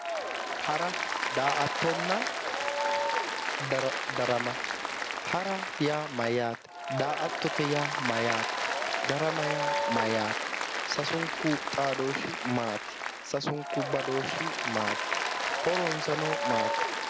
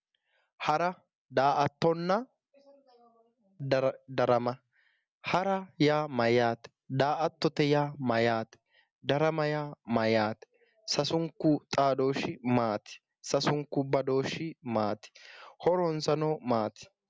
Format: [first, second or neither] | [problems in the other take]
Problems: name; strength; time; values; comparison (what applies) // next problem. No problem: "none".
second | background sound (Applause); 1 dB above the speech